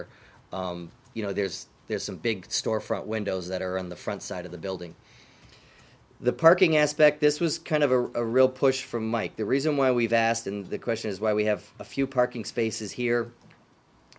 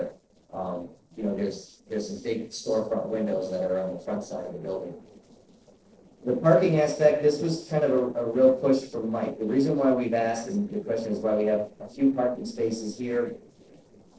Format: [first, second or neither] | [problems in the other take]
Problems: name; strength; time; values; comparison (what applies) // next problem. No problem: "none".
first | noise reduction (neural separator model SepFormer DNS4)